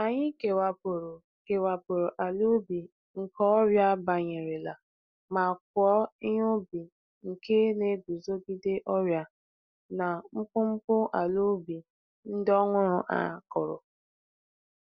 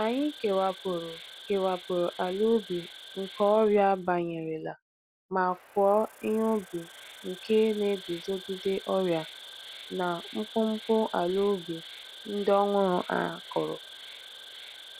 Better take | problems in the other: first | background sound (Insect); 17 dB below the speech

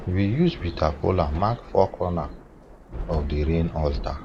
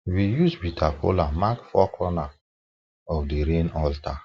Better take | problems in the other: second | background sound (Thunder / Rain); 11 dB below the speech

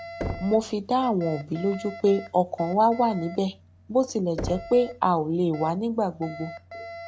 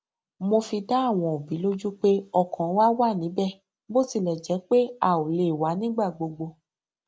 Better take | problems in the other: second | background sound (Knock + Alarm); 13 dB below the speech

